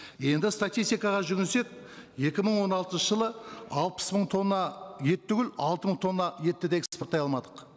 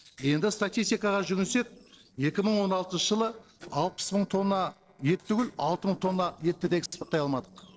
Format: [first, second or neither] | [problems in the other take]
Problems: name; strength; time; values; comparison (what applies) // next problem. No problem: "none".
first | noise reduction (neural separator model SepFormer DNS4)